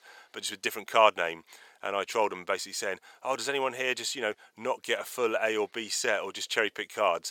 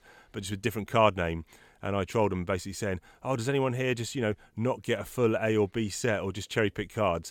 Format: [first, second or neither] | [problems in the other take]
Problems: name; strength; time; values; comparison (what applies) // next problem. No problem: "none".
second | thin; very; fading below 600 Hz